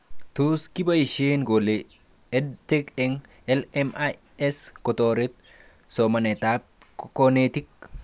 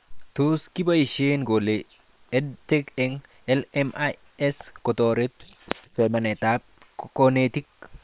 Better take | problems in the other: first | noise reduction (neural separator model SepFormer WHAM!)

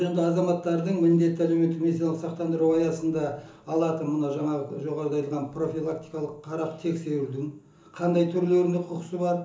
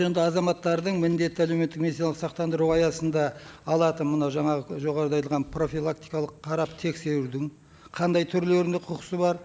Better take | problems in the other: second | room echo; dies away in 0.8 s

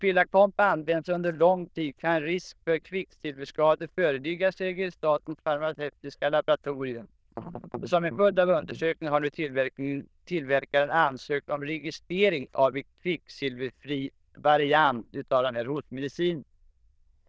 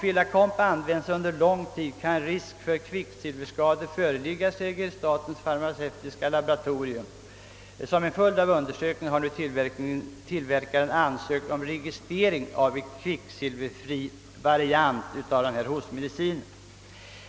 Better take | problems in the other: second | noise reduction (neural diffusion model UNIVERSE++)

